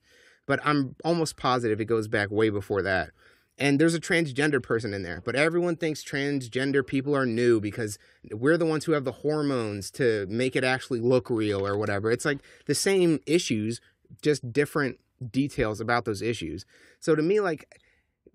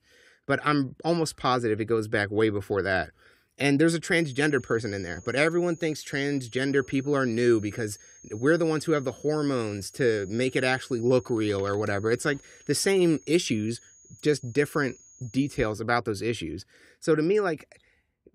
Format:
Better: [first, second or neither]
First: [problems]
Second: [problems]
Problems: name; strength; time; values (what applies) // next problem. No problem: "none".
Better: first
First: none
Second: high-pitched whine; faint; from 4 to 16 s; 6.5 kHz, 25 dB below the speech